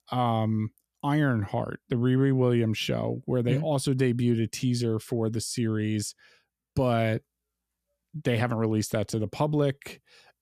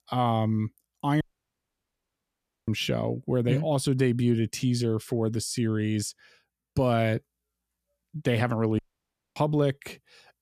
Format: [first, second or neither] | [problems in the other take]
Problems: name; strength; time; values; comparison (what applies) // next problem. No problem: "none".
first | audio cutting out; at 1 s for 1.5 s and at 9 s for 0.5 s